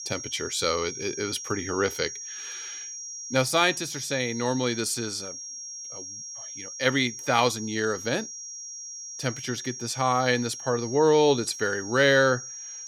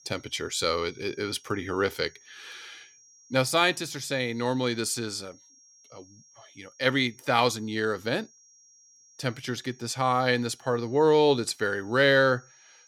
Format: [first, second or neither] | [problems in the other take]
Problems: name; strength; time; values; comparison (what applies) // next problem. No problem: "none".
second | high-pitched whine; loud; throughout; 5.5 kHz, 10 dB below the speech; faint in the second